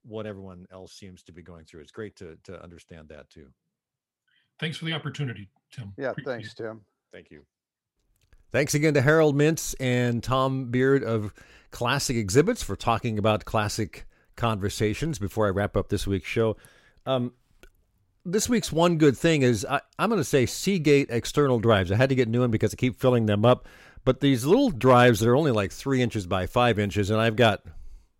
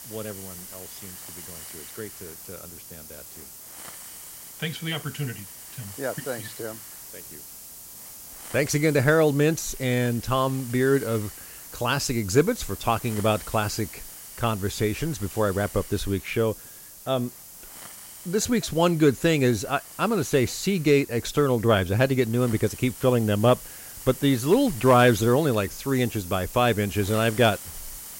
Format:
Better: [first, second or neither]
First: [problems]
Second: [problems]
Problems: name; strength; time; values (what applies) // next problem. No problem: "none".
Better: first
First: none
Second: hiss; noticeable; throughout; 15 dB below the speech